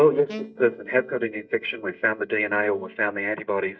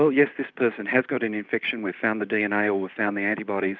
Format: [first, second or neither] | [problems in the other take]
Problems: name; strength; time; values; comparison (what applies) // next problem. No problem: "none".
second | noise reduction (neural mask model DeepFilterNet 3)